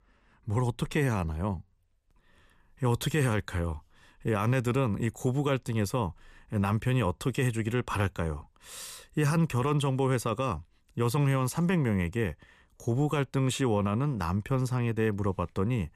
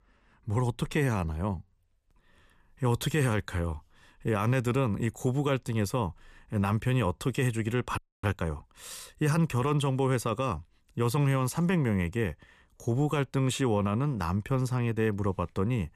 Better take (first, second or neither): first